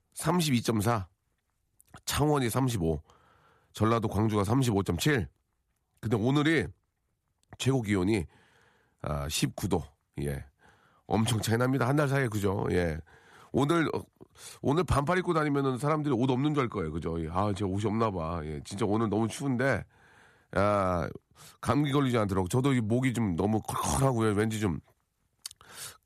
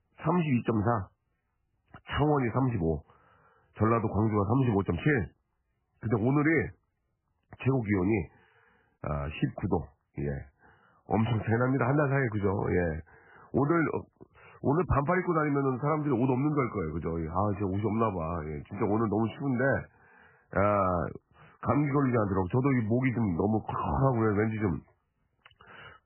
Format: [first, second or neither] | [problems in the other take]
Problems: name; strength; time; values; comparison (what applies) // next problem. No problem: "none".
first | garbled, watery; badly; nothing above 3 kHz